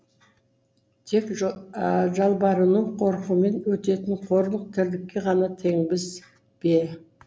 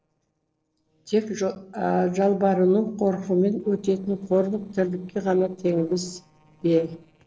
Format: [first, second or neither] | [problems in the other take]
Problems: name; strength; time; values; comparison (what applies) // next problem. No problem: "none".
first | noise reduction (neural separator model SepFormer DNS4)